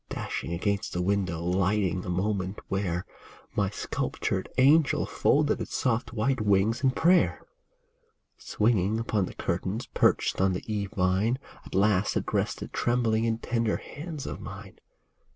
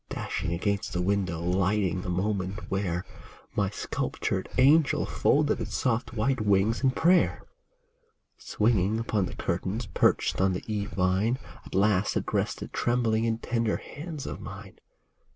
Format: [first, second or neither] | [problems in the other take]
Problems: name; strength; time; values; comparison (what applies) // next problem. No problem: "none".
first | background sound (Breathing); 10 dB below the speech